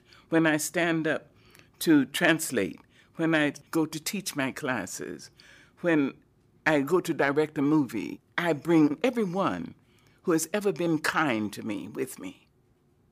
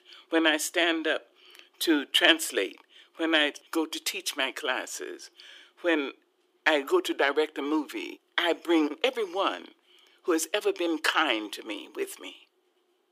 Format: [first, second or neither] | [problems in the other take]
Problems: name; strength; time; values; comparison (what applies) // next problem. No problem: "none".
first | thin; somewhat; fading below 350 Hz